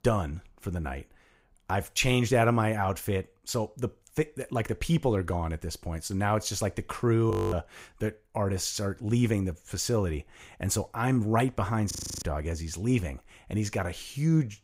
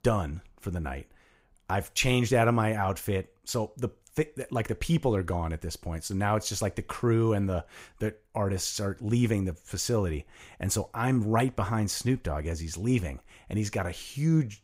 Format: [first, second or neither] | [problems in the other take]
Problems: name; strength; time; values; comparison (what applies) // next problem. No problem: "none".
second | audio freezing; at 7.5 s and at 12 s